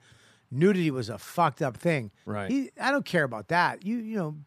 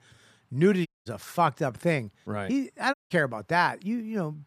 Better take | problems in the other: first | audio cutting out; at 1 s and at 3 s

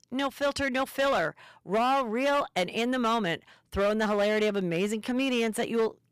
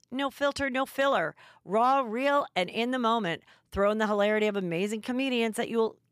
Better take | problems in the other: second | distortion; slight; 10% of the sound clipped

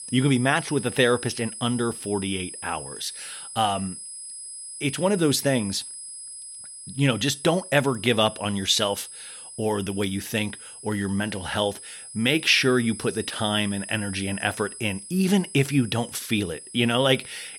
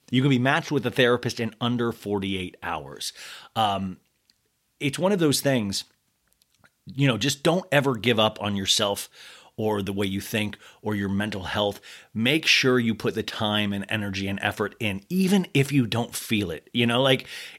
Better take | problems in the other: second | high-pitched whine; noticeable; throughout; 10 kHz, 10 dB below the speech

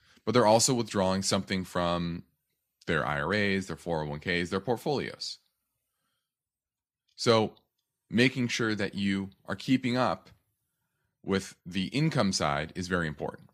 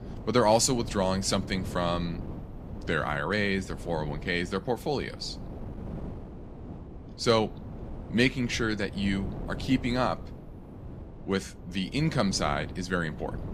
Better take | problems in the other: first | wind noise on the microphone; occasional gusts; 20 dB below the speech

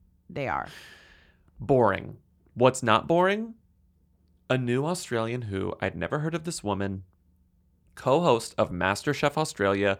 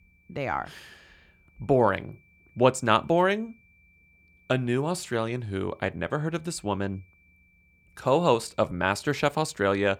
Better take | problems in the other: first | high-pitched whine; faint; throughout; 2.5 kHz, 35 dB below the speech

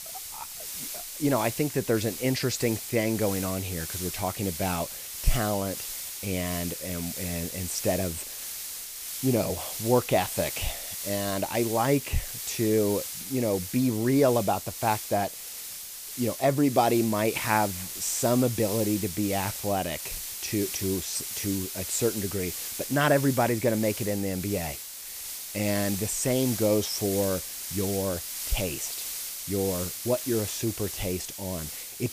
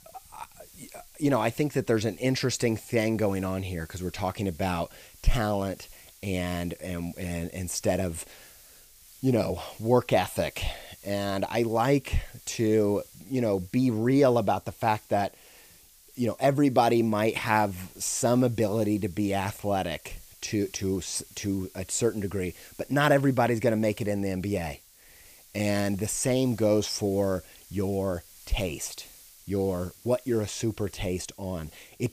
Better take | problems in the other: second | hiss; loud; throughout; 5 dB below the speech; faint in the second

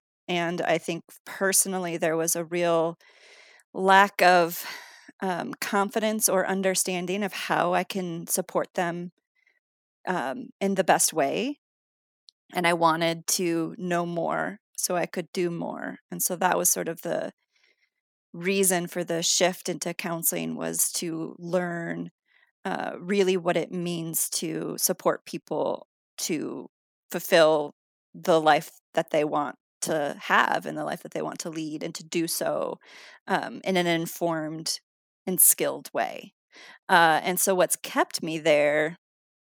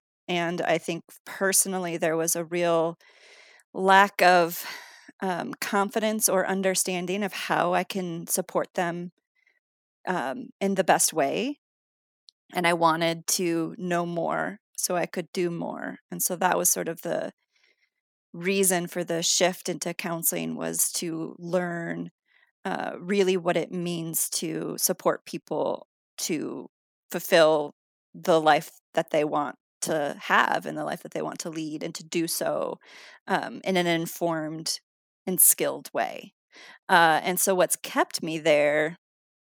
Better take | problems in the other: neither | none

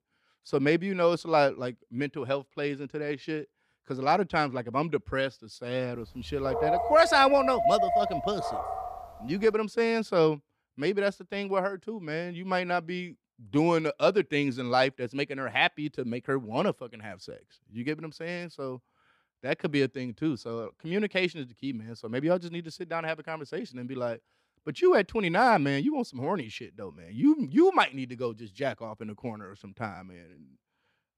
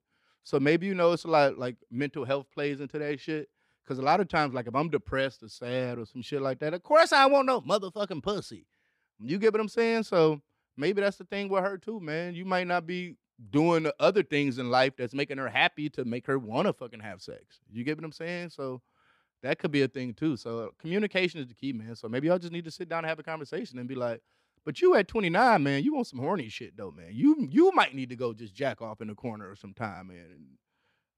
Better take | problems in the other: second | dog barking; loud; from 6.5 to 9 s; peak 4 dB above the speech

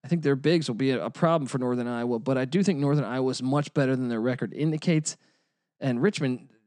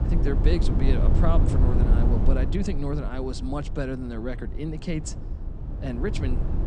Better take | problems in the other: first | low rumble; loud; throughout; 4 dB below the speech

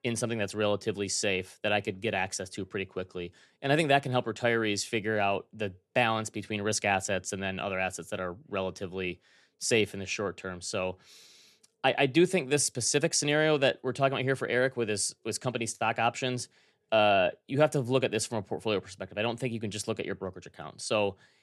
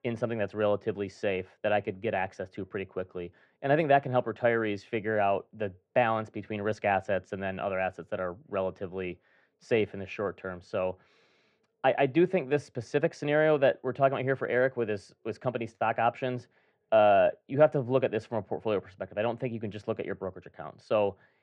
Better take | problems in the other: first | muffled; very; fading above 1.5 kHz

